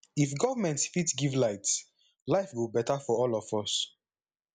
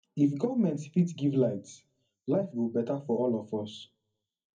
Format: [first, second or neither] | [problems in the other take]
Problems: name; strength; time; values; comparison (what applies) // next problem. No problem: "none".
first | room echo; dies away in 0.4 s